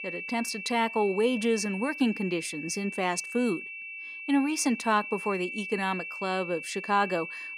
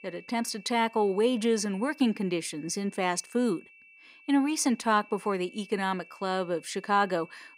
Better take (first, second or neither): second